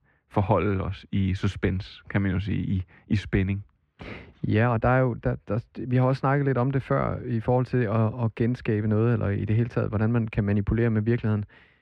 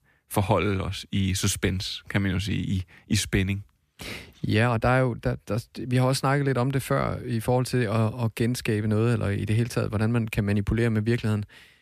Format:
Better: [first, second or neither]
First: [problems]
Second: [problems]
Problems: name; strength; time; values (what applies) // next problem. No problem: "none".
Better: second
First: muffled; very; fading above 2 kHz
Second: none